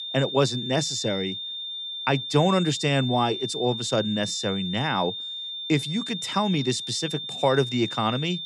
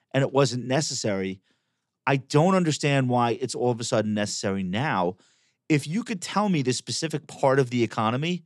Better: second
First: high-pitched whine; loud; throughout; 3.5 kHz, 6 dB below the speech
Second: none

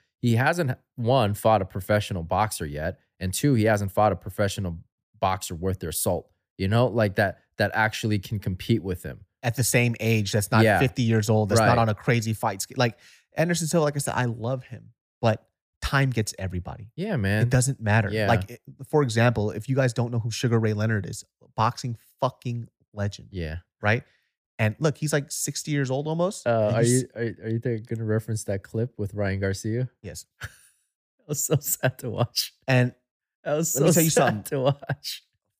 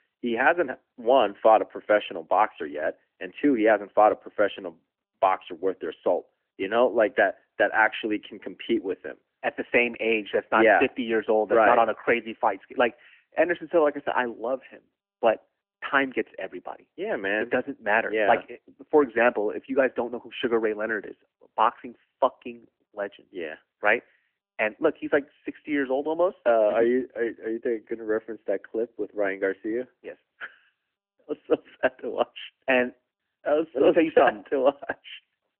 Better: first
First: none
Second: phone-call audio; nothing above 3 kHz

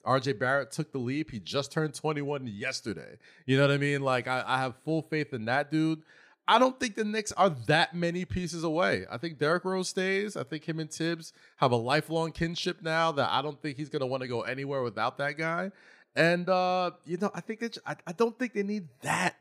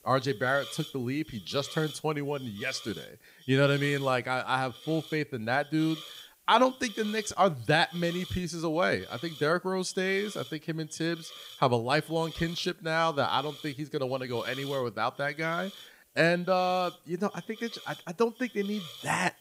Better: first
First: none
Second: hiss; noticeable; throughout; 15 dB below the speech

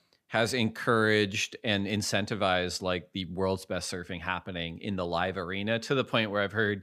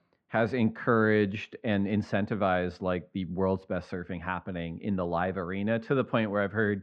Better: first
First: none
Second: muffled; very; fading above 1.5 kHz

